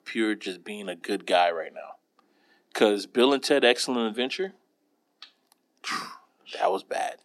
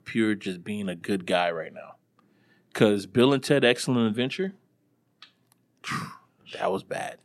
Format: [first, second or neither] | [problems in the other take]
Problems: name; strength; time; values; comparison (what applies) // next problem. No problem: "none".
second | thin; very slightly; fading below 250 Hz